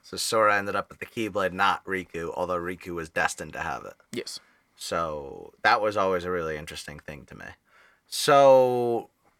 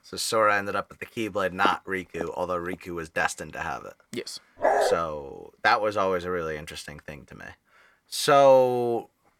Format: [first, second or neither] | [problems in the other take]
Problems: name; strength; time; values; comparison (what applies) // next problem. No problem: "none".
first | footsteps; noticeable; from 1.5 to 2.5 s; peak 9 dB below the speech // dog barking; loud; at 4.5 s; peak 2 dB above the speech